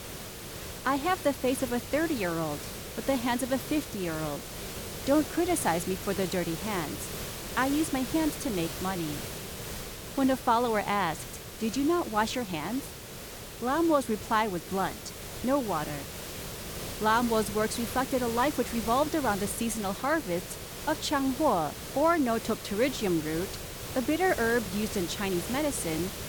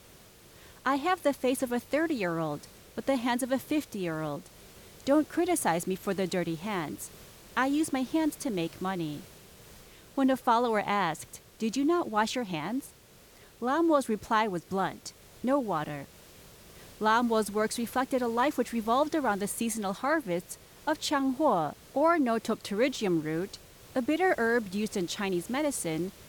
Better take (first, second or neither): second